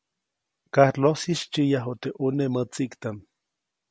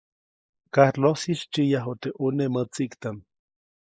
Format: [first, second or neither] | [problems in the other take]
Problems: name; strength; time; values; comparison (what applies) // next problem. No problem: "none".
first | noise reduction (neural mask model Resemble Enhance denoiser)